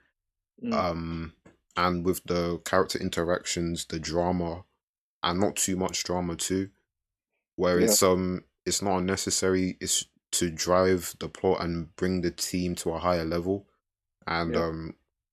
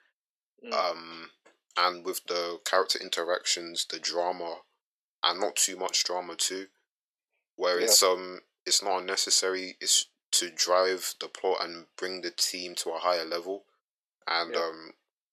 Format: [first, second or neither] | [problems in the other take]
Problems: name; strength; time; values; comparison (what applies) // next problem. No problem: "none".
first | thin; very; fading below 450 Hz